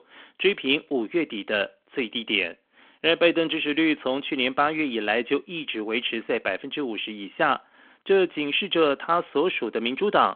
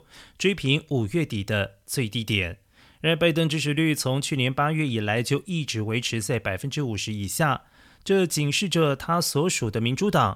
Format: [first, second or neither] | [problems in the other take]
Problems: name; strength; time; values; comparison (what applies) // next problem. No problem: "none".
second | phone-call audio; nothing above 3.5 kHz